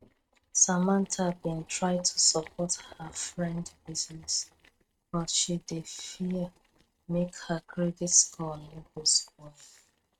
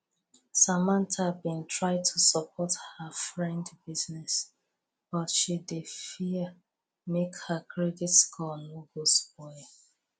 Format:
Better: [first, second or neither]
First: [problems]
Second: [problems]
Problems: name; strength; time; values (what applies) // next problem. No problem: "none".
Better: second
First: noise reduction (neural mask model RNNoise)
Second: none